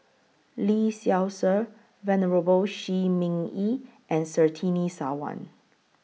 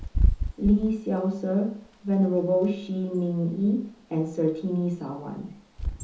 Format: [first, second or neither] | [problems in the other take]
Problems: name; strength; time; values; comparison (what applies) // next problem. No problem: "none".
first | background sound (Wind / Bird); 5 dB below the speech // room echo; dies away in 0.6 s